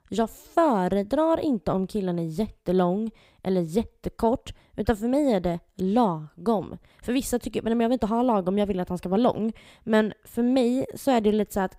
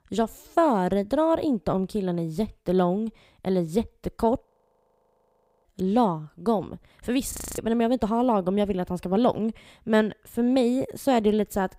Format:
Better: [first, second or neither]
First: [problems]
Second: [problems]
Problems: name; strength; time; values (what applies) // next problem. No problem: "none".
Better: first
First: none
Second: audio freezing; at 4.5 s for 1 s and at 7.5 s